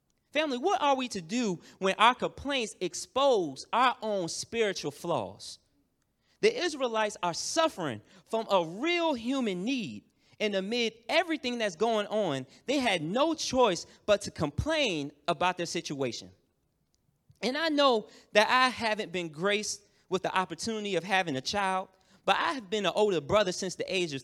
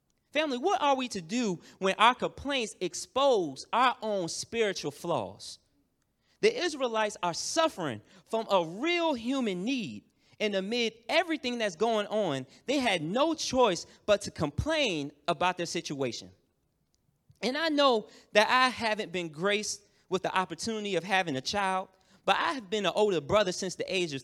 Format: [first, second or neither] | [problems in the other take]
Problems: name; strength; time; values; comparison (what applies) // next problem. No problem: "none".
neither | none